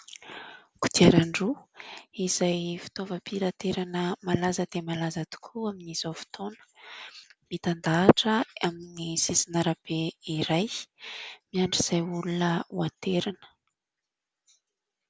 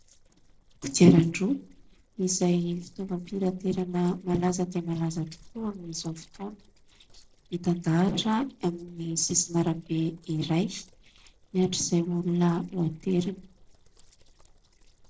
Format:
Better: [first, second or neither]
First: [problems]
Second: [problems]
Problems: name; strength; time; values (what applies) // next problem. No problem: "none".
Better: first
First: none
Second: noise reduction (neural separator model SepFormer DNS4)